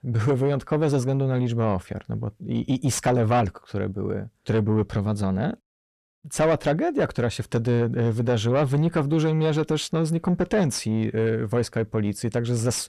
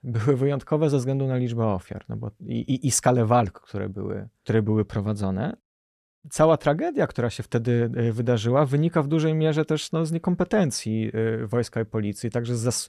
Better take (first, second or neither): second